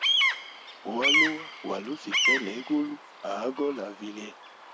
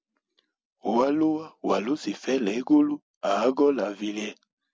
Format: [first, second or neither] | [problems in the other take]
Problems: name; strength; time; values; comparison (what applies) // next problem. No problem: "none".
second | background sound (Bird vocalization, bird call, bird song); 4 dB above the speech